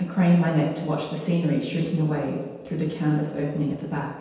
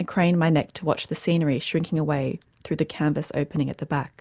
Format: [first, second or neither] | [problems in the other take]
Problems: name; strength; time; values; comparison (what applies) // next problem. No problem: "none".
second | room echo; dies away in 1.2 s